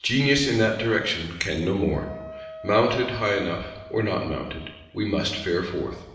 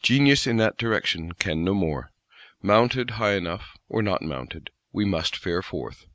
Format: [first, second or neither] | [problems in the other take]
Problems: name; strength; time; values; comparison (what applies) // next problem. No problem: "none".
second | background sound (Wind instrument, woodwind instrument); 17 dB below the speech // room echo; dies away in 1 s